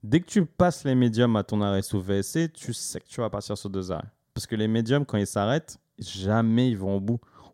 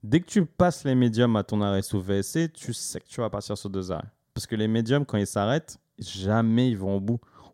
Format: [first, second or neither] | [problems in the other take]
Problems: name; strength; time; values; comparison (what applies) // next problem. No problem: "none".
neither | none